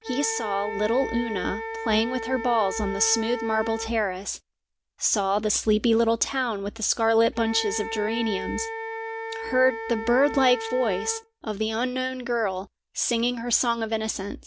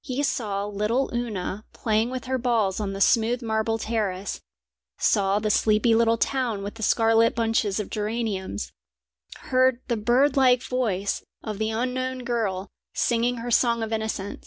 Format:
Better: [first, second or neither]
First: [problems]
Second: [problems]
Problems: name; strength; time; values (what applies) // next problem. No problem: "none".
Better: second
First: background sound (Wind instrument, woodwind instrument); 10 dB below the speech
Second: none